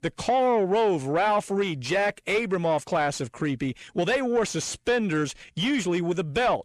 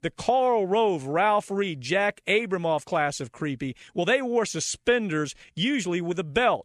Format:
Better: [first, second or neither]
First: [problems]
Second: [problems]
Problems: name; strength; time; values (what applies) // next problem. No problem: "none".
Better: second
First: distortion; slight; 10 dB below the speech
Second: none